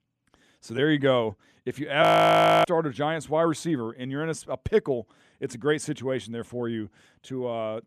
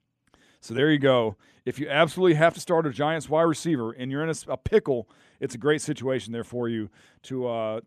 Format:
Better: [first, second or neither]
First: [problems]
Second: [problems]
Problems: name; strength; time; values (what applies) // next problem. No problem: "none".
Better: second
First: audio freezing; at 2 s for 0.5 s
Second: none